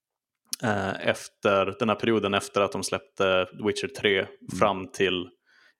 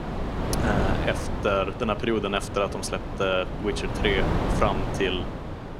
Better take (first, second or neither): first